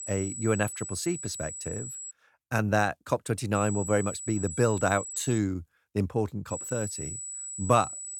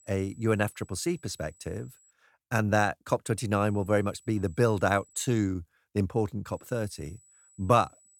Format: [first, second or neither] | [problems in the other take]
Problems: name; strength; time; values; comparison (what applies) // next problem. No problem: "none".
second | high-pitched whine; loud; until 2 s, from 3.5 to 5.5 s and from 6.5 s on; 8 kHz, 7 dB below the speech; faint in the second